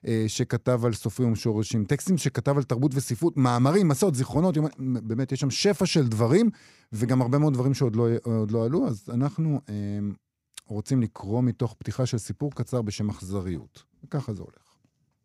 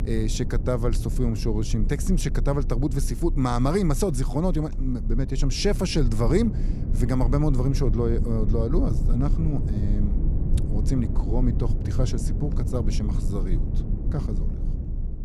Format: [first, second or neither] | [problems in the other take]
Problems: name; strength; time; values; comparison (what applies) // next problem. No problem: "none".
first | low rumble; noticeable; throughout; 10 dB below the speech